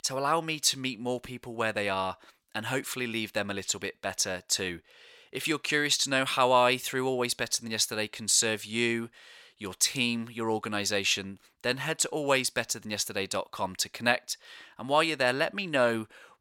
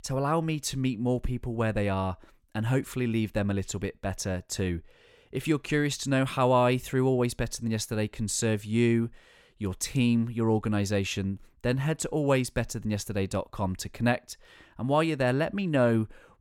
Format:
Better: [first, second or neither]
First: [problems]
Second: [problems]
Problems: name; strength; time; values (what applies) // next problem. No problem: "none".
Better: second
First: thin; somewhat; fading below 1 kHz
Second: none